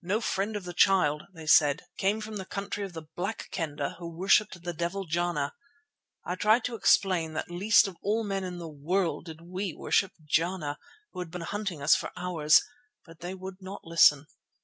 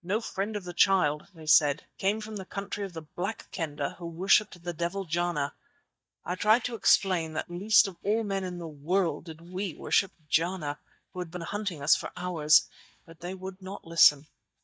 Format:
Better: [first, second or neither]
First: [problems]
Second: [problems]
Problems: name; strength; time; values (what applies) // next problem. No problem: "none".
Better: first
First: none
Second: noise reduction (neural mask model DeepFilterNet 3)